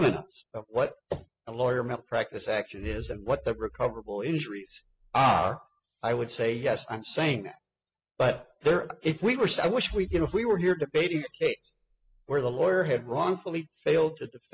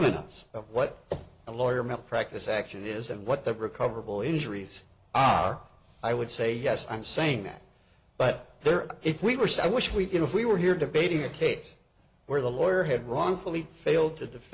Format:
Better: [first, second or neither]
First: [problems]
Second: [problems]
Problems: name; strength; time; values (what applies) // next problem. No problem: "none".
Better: second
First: noise reduction (classical method spectral subtraction)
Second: none